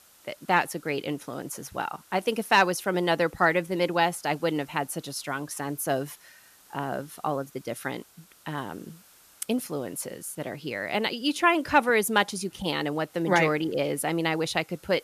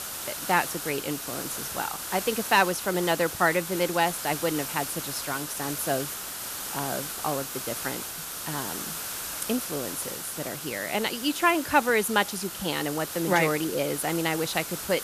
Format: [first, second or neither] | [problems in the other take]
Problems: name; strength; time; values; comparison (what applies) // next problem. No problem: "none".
first | hiss; loud; throughout; 5 dB below the speech; faint in the first